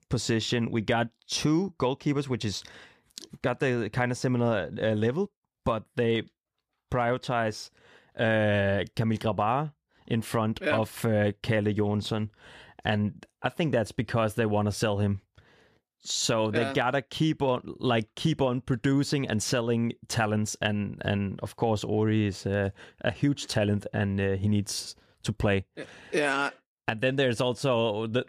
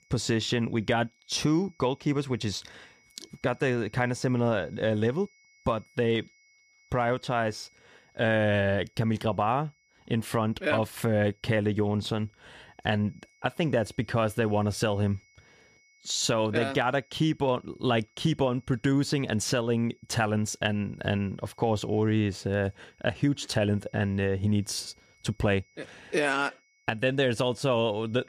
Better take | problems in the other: first | high-pitched whine; faint; throughout; 2 kHz, 35 dB below the speech

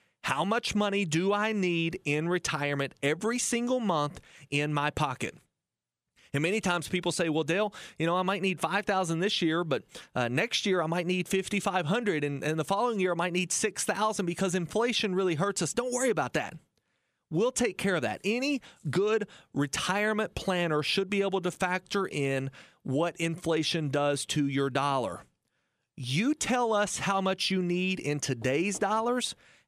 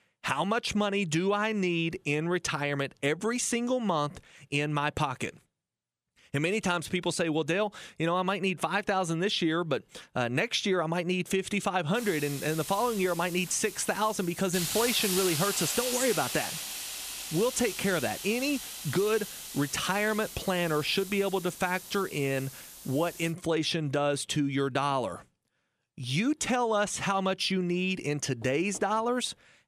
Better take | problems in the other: first | hiss; loud; from 12 to 23 s; 6 dB below the speech

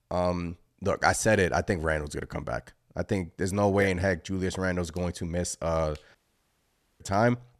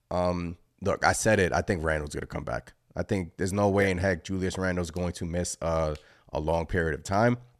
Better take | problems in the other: second | audio cutting out; at 6 s for 1 s

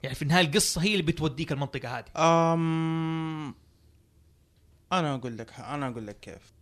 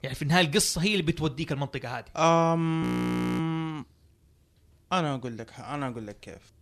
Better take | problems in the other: first | audio freezing; at 3 s for 0.5 s

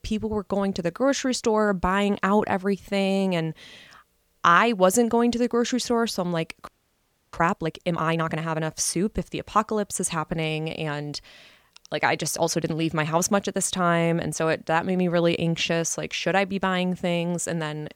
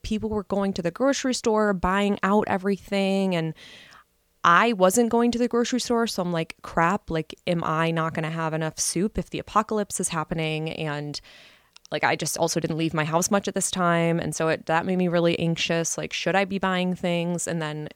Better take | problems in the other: second | audio freezing; at 6.5 s for 0.5 s

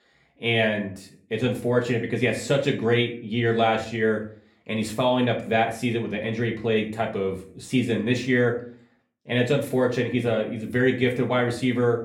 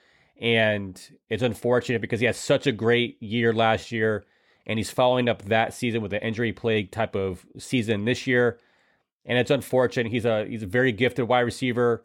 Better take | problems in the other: second | room echo; slight; dies away in 0.4 s // off-mic speech; somewhat distant

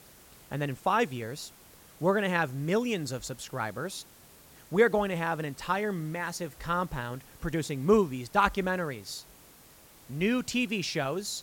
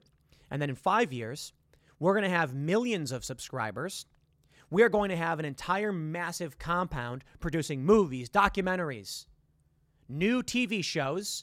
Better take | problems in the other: second | hiss; faint; throughout; 25 dB below the speech

